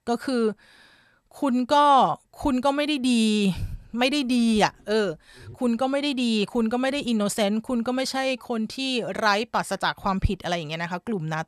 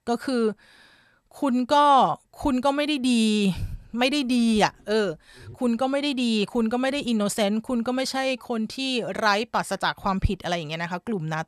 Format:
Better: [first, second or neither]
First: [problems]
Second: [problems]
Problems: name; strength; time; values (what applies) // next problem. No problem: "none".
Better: neither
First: none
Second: none